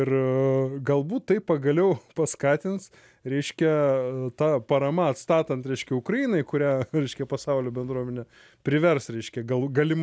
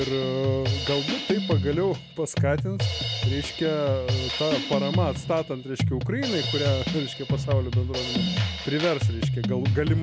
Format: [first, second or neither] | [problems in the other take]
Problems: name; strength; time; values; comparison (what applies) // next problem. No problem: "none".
first | background sound (Drum kit); 1 dB above the speech